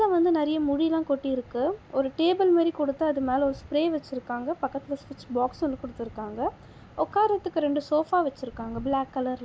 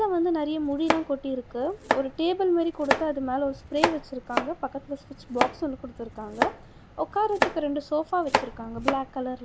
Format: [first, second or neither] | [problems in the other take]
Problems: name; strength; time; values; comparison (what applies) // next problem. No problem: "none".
first | background sound (Domestic sounds, home sounds); 3 dB below the speech